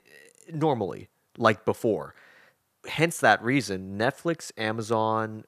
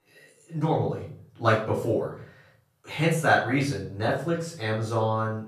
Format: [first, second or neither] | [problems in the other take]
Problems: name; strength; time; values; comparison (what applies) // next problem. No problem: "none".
first | off-mic speech; far // room echo; noticeable; dies away in 0.5 s